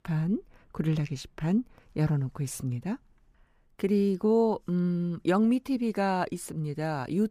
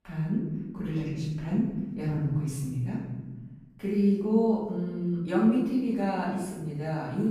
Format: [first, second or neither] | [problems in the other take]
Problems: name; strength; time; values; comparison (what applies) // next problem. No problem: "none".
first | off-mic speech; far // room echo; noticeable; dies away in 1.4 s